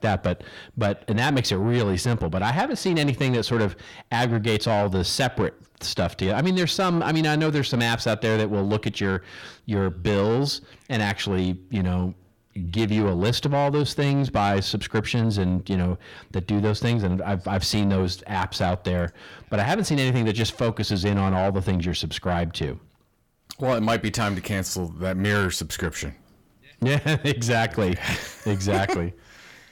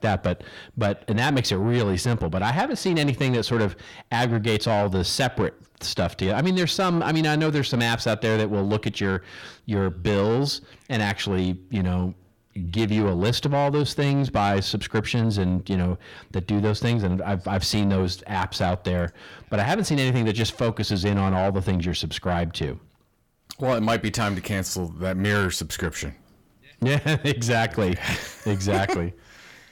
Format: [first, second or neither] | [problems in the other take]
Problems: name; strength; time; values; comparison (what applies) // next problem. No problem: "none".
neither | distortion; slight; 10 dB below the speech; the same in both